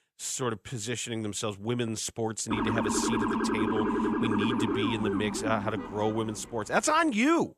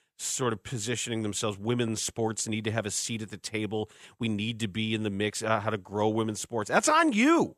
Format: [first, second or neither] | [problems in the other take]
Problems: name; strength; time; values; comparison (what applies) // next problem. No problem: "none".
second | siren; loud; from 2.5 to 6.5 s; peak 3 dB above the speech